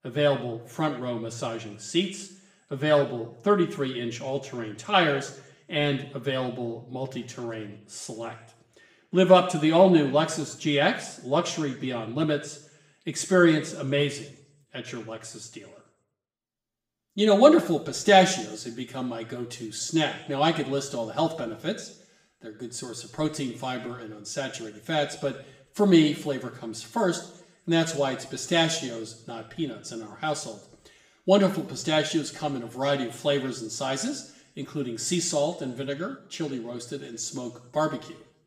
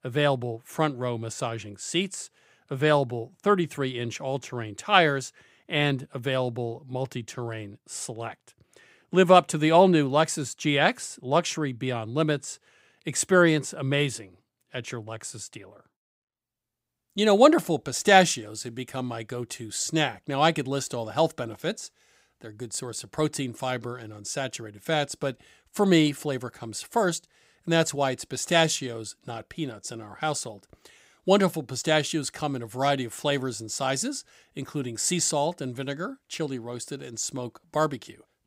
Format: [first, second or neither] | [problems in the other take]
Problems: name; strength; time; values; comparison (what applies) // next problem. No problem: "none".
second | room echo; slight; dies away in 0.7 s // off-mic speech; far